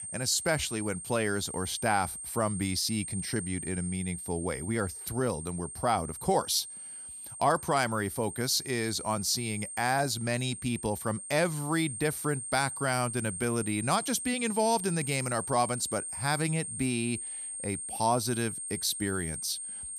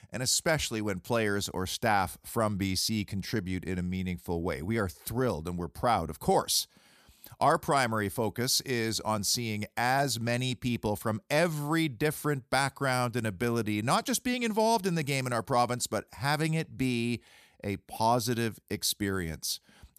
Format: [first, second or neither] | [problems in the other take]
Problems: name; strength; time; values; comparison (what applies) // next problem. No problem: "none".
second | high-pitched whine; loud; throughout; 8.5 kHz, 6 dB below the speech